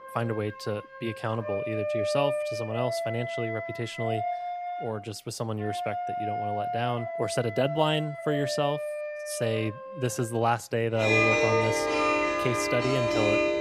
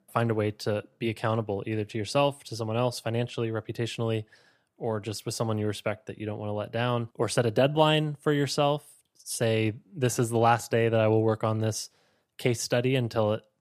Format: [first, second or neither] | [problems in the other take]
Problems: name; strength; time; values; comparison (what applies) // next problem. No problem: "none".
second | background music; very loud; throughout; 1 dB above the speech